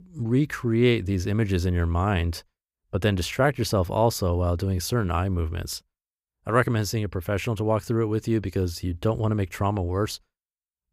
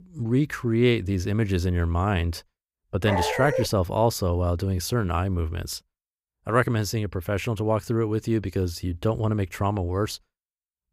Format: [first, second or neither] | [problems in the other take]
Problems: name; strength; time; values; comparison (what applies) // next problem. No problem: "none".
first | dog barking; noticeable; at 3 s; peak 1 dB below the speech